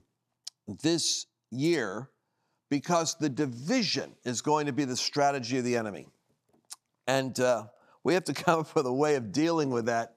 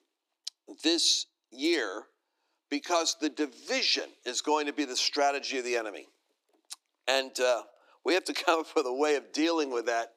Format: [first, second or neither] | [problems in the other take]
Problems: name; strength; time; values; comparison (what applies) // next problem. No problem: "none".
first | thin; very slightly; fading below 300 Hz